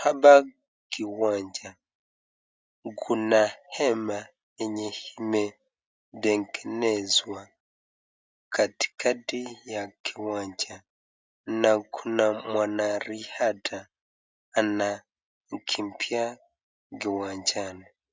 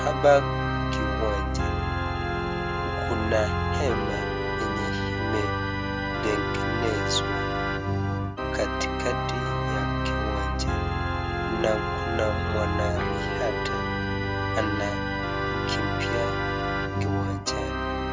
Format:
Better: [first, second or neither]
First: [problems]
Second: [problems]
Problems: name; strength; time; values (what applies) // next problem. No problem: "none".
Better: first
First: none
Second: background sound (Organ); 5 dB above the speech